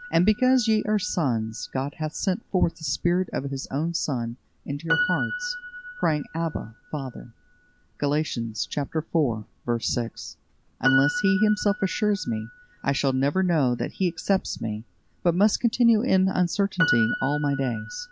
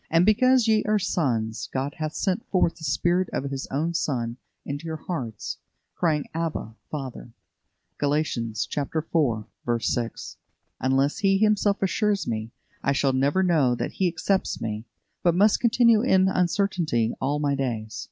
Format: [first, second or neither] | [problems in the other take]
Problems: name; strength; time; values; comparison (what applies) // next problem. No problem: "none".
second | background sound (Piano); 10 dB below the speech